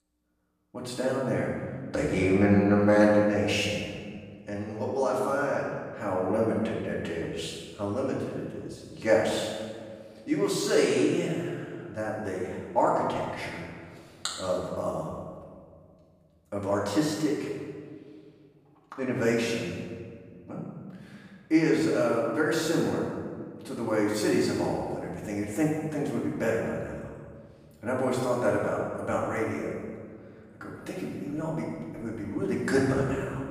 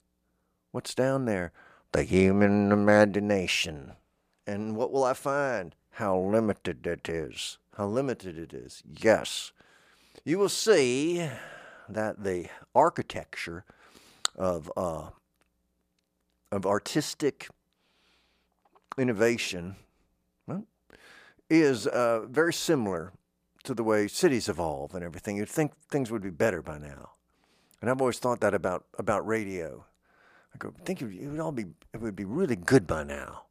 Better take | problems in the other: second | off-mic speech; far // room echo; strong; dies away in 1.5 s

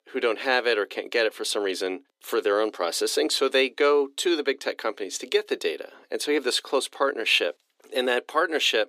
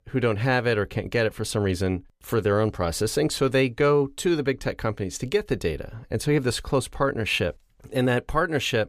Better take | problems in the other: second | thin; somewhat; fading below 300 Hz

